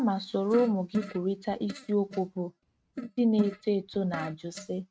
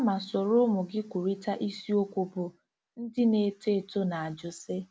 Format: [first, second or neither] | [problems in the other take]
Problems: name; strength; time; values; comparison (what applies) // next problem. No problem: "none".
second | noise reduction (neural mask model RNNoise)